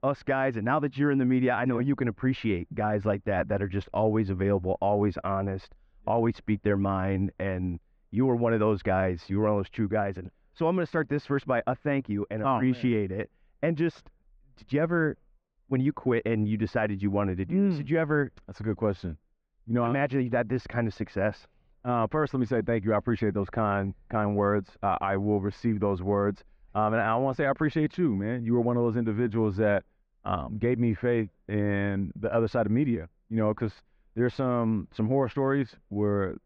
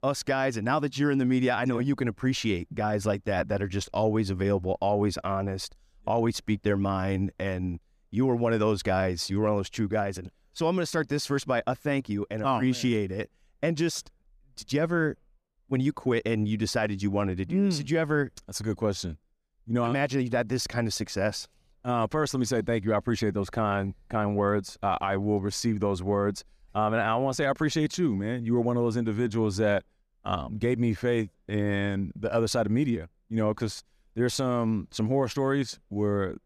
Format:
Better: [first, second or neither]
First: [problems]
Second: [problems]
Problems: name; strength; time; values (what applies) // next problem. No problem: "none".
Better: second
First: muffled; very; fading above 2.5 kHz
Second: none